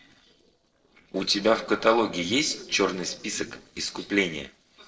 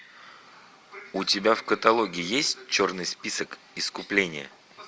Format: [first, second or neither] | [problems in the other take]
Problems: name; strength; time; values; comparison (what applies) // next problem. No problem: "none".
second | noise reduction (neural separator model SepFormer DNS4)